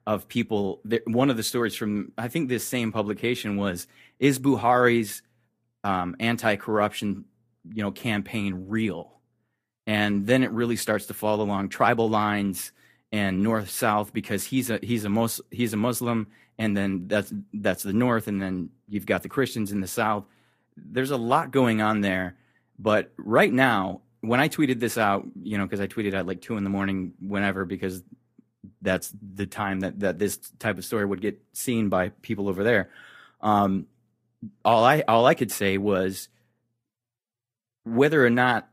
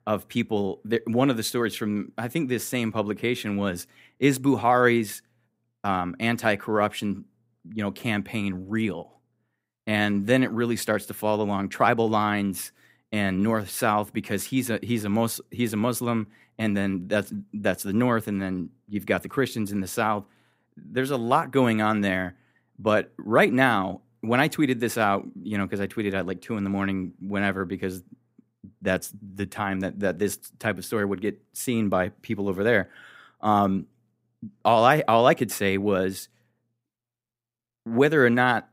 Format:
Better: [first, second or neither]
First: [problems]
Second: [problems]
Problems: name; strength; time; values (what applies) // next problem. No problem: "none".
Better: second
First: garbled, watery; slightly; nothing above 15.5 kHz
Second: none